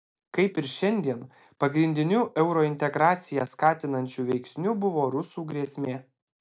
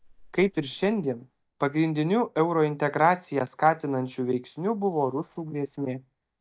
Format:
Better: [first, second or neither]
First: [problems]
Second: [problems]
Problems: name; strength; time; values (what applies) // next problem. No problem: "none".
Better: first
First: none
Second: noise reduction (neural mask model DeepFilterNet 3)